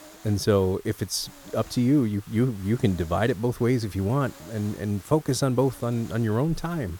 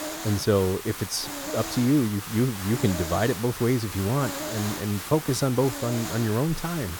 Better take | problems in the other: first | hiss; loud; throughout; 8 dB below the speech; faint in the first

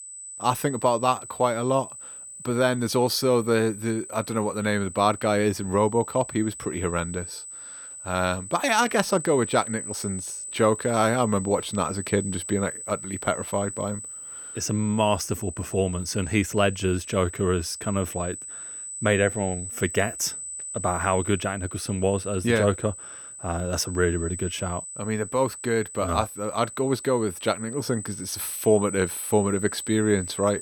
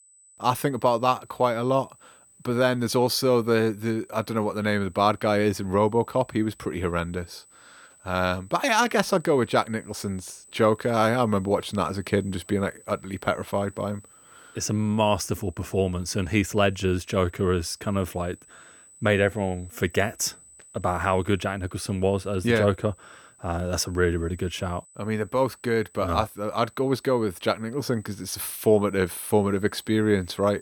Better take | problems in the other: second | high-pitched whine; loud; throughout; 8 kHz, 10 dB below the speech; faint in the second

